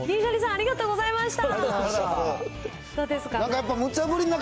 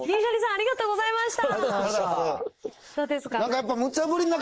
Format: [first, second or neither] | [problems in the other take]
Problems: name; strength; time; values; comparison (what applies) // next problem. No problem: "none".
first | noise reduction (neural mask model Resemble Enhance denoiser)